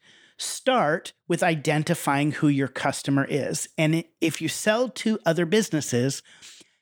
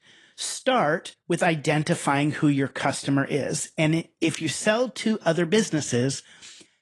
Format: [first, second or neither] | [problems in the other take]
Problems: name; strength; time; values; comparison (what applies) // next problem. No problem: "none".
first | garbled, watery; slightly